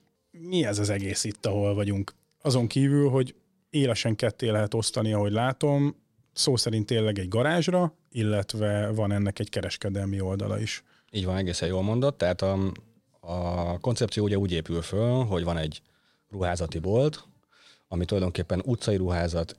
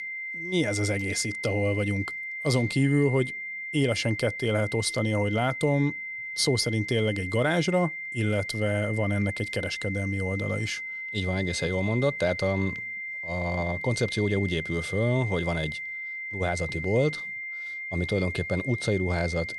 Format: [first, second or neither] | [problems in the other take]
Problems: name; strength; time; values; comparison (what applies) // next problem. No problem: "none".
first | high-pitched whine; loud; throughout; 2 kHz, 5 dB below the speech